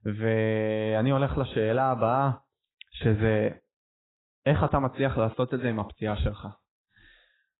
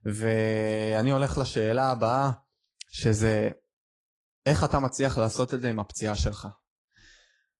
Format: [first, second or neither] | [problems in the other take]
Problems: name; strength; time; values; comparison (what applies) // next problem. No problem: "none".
second | garbled, watery; badly; nothing above 4 kHz; slightly in the second